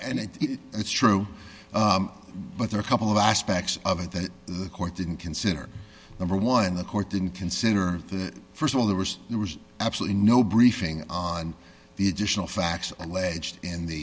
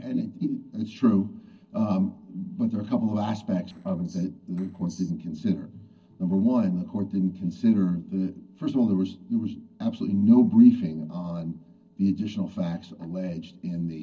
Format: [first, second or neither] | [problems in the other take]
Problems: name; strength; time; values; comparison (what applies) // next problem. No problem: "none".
first | noise reduction (neural separator model SepFormer DNS4)